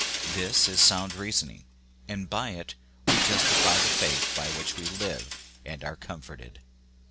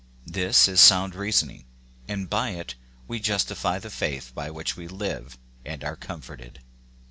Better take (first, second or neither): second